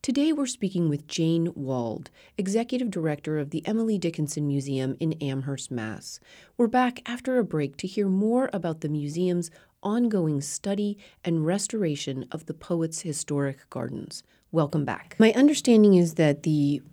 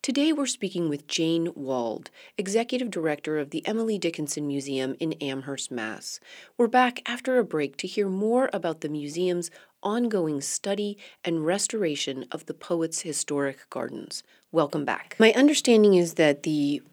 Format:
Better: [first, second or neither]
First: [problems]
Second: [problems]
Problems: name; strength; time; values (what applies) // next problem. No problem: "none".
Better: first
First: none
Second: thin; very slightly; fading below 300 Hz